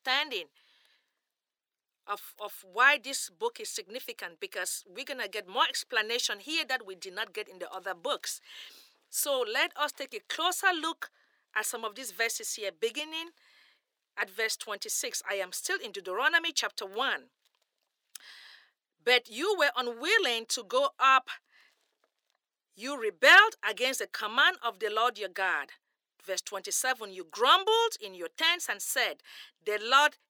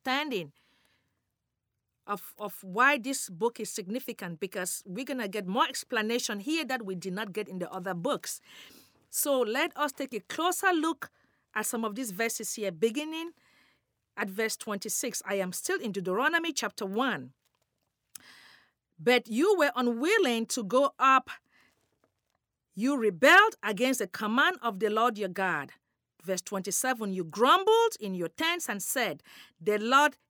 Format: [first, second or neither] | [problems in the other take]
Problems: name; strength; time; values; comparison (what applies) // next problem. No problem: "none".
second | thin; very; fading below 400 Hz